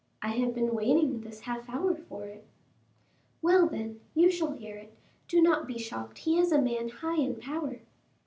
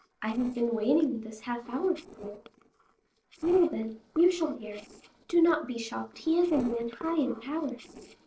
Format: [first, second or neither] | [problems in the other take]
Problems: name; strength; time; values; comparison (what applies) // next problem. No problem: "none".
first | noise reduction (neural separator model SepFormer DNS4)